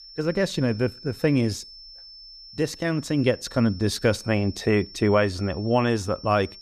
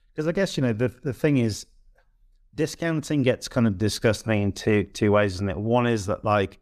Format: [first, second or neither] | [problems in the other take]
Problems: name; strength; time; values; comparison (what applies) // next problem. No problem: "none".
second | high-pitched whine; noticeable; throughout; 5.5 kHz, 20 dB below the speech